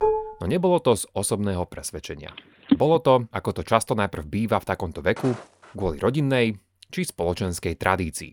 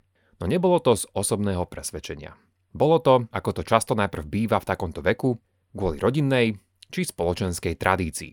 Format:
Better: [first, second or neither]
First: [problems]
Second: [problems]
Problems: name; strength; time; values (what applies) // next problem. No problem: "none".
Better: second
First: clattering dishes; loud; at the start; peak level with the speech // phone ringing; noticeable; at 2.5 s; peak level with the speech // footsteps; faint; at 5 s; peak 15 dB below the speech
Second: none